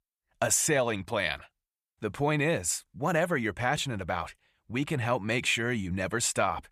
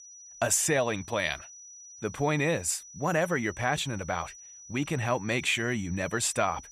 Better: first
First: none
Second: high-pitched whine; noticeable; throughout; 6 kHz, 15 dB below the speech

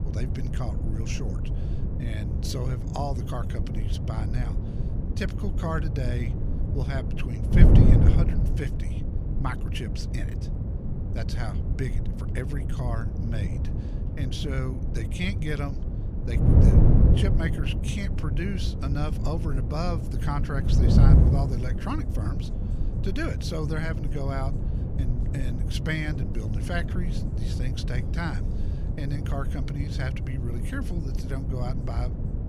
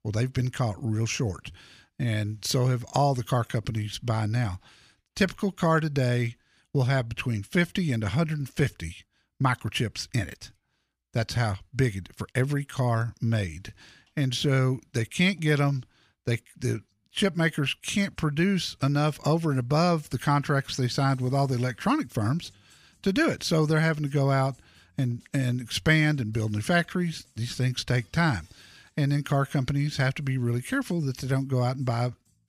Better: second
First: wind noise on the microphone; heavy; 2 dB below the speech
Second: none

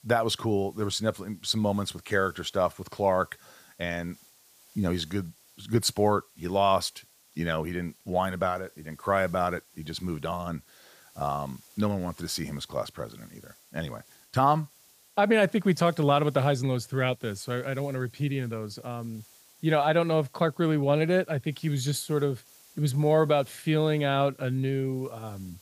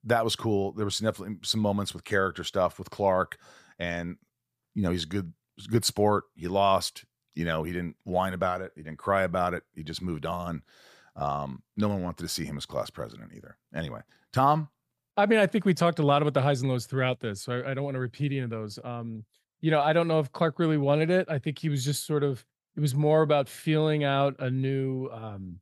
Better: second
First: hiss; faint; throughout; 25 dB below the speech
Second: none

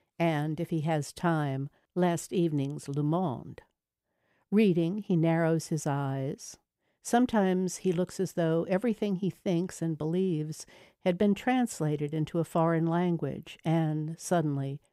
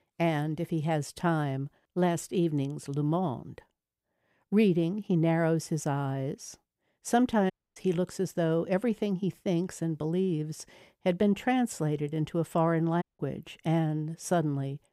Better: first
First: none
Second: audio cutting out; at 7.5 s and at 13 s

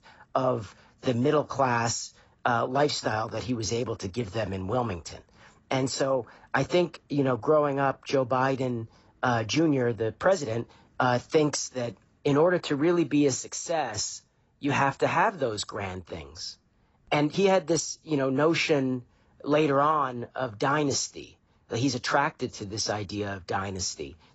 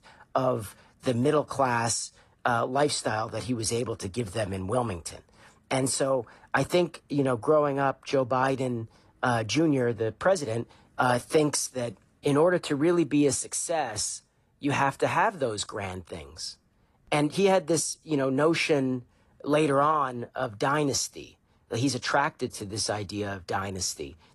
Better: second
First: garbled, watery; badly; nothing above 8 kHz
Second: garbled, watery; slightly

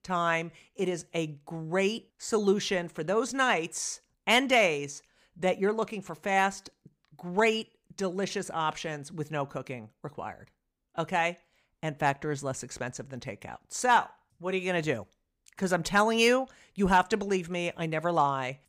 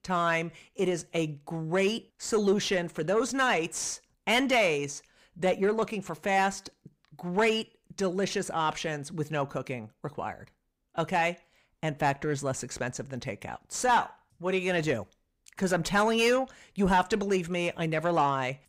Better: first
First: none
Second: distortion; slight; 10 dB below the speech

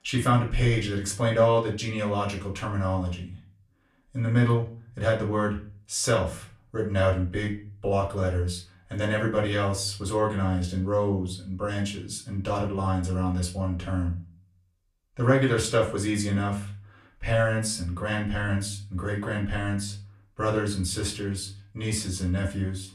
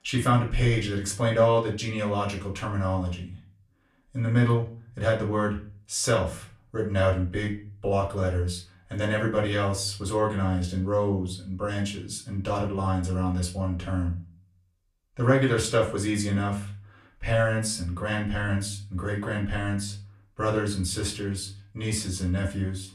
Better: neither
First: room echo; slight; dies away in 0.4 s // off-mic speech; far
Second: room echo; slight; dies away in 0.4 s // off-mic speech; far

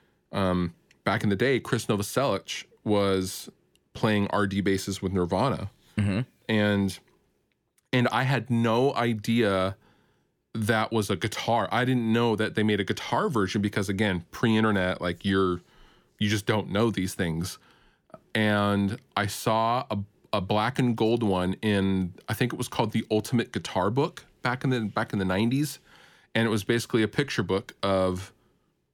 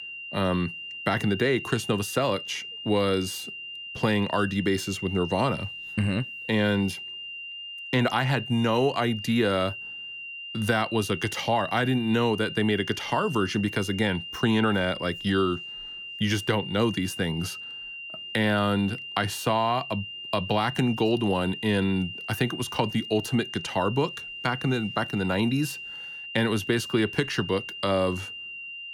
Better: first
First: none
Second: high-pitched whine; loud; throughout; 3 kHz, 9 dB below the speech

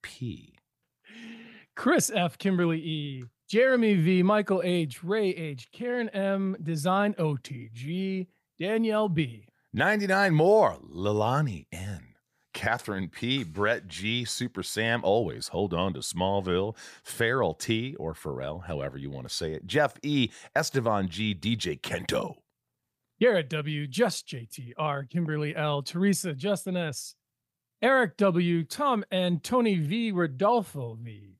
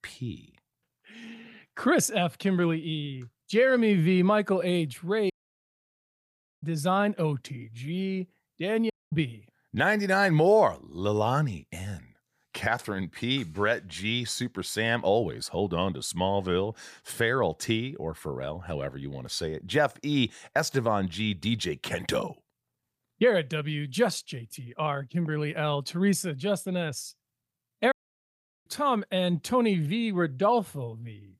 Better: first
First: none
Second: audio cutting out; at 5.5 s for 1.5 s, at 9 s and at 28 s for 0.5 s

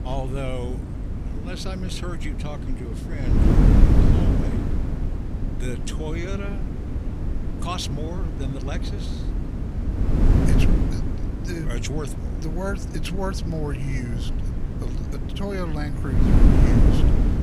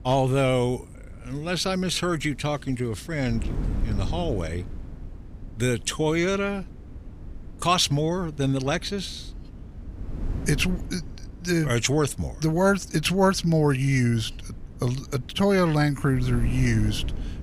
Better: second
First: wind noise on the microphone; heavy; 1 dB above the speech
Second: wind noise on the microphone; occasional gusts; 20 dB below the speech

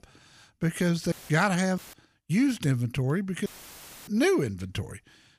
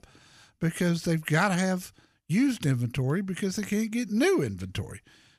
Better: second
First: audio cutting out; filled with static; at 1 s, at 2 s and at 3.5 s for 0.5 s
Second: none

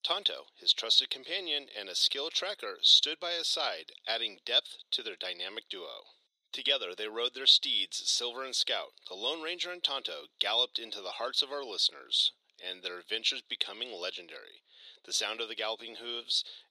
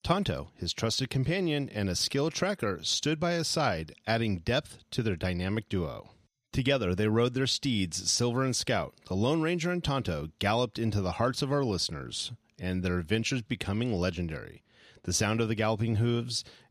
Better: second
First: thin; very; fading below 400 Hz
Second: none

